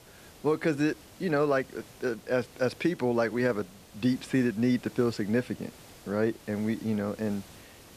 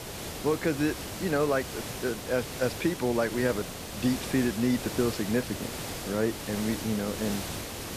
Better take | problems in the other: first | hiss; loud; throughout; 6 dB below the speech; faint in the first

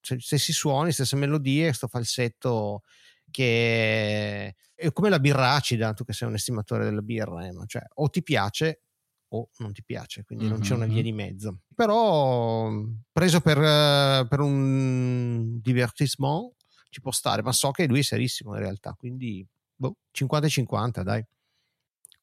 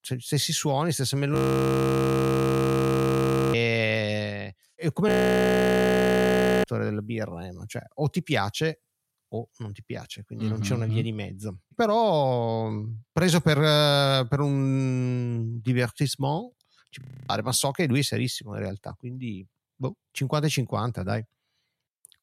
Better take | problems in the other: first | audio freezing; at 1.5 s for 2 s, at 5 s for 1.5 s and at 17 s

